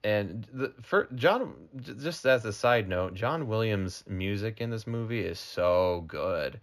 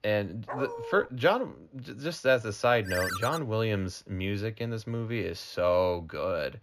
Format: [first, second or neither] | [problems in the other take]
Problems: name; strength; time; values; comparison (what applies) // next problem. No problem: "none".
first | dog barking; noticeable; at 0.5 s; peak 7 dB below the speech // phone ringing; noticeable; at 3 s; peak 2 dB below the speech